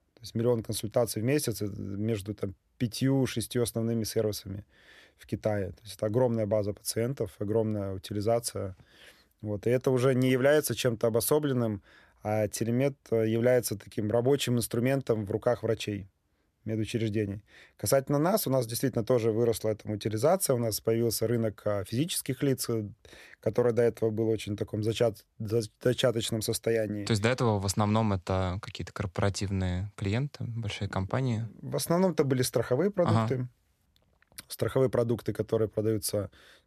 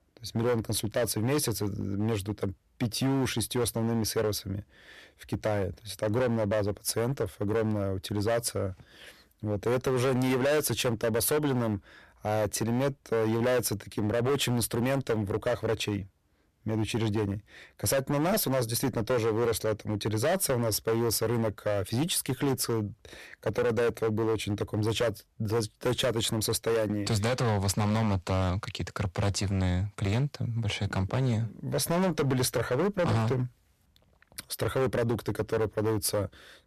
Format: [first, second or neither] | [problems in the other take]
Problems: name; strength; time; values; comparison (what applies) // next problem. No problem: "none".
first | distortion; heavy; 14% of the sound clipped